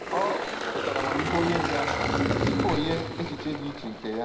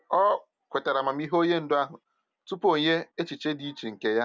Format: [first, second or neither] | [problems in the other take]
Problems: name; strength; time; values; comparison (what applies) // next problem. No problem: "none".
second | background sound (Engine); 2 dB above the speech // room echo; dies away in 0.8 s